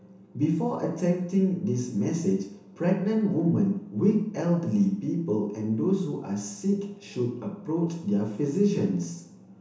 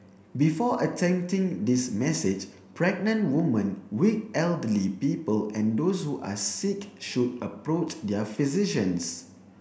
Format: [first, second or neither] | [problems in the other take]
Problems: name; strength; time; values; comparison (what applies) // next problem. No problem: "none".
second | room echo; dies away in 0.8 s